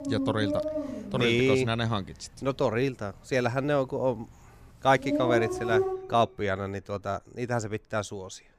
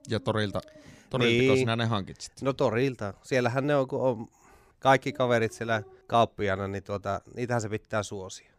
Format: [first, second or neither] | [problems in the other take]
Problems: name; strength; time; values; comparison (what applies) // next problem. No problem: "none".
second | animal sounds; loud; throughout; 3 dB below the speech; faint in the second